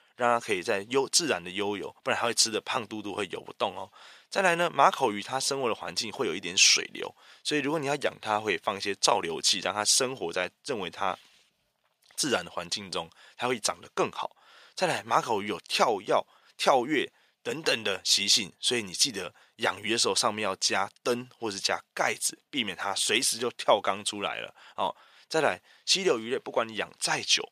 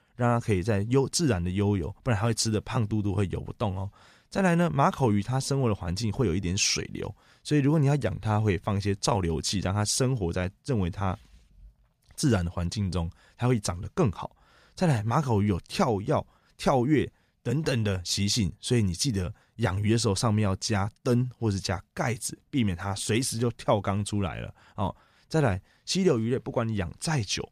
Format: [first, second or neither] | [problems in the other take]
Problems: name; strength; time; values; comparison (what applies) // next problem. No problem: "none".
second | thin; very; fading below 500 Hz